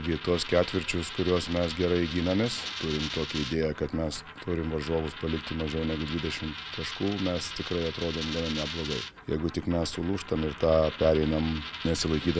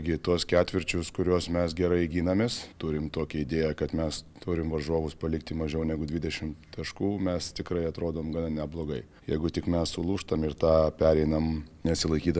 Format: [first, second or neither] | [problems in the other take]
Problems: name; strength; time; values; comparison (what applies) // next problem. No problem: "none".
second | background sound (Coin (dropping)); 11 dB below the speech